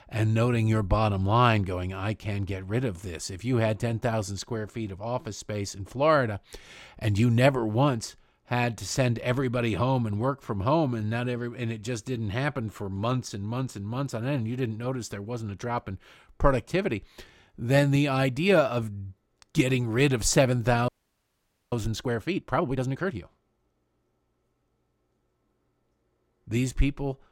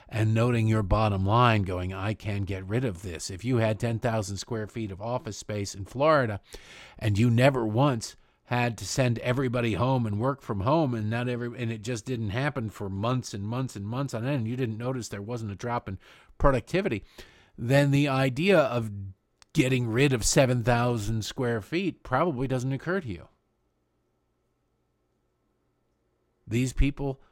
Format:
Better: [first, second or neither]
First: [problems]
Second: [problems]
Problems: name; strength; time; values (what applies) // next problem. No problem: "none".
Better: second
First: audio freezing; at 21 s for 1 s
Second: none